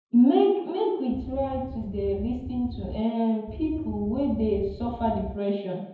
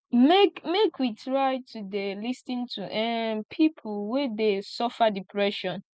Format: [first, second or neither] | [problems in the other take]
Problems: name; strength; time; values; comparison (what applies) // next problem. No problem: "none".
second | background sound (Wind); 11 dB below the speech // room echo; dies away in 0.9 s